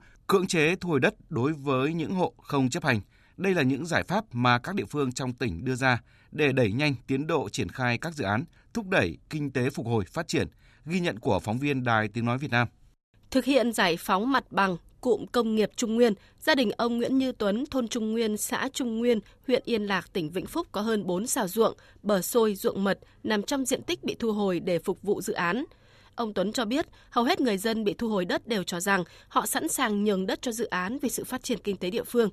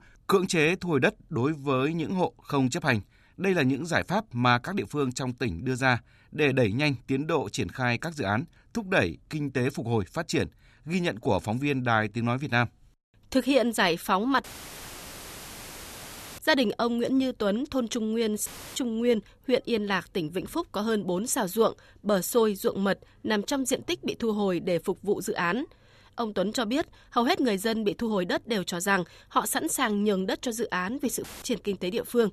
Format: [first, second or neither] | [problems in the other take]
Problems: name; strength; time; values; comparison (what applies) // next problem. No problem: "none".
first | audio cutting out; filled with static; at 14 s for 2 s, at 18 s and at 31 s